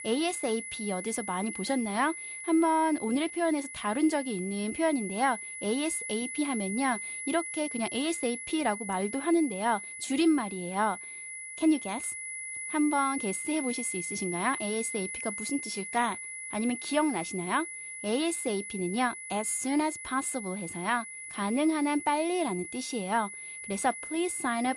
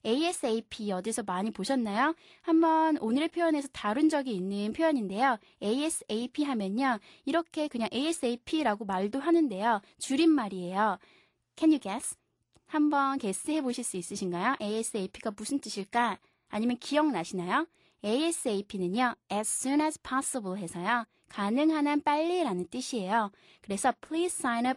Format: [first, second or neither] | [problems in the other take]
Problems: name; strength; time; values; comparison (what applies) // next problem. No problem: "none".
second | high-pitched whine; loud; throughout; 2 kHz, 7 dB below the speech